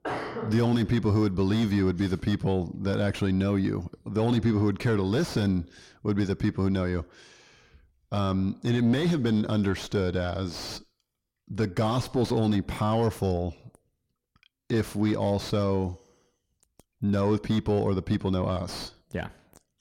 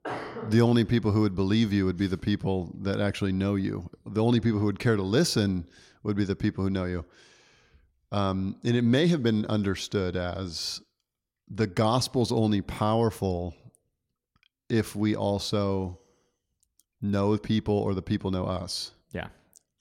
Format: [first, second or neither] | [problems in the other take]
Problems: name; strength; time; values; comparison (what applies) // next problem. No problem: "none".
second | distortion; slight; 9 dB below the speech